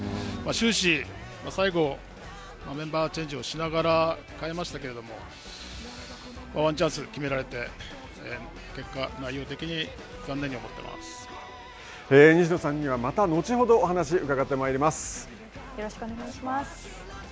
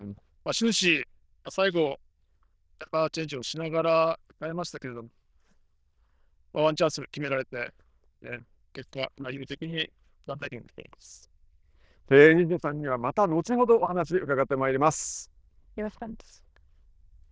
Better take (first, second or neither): first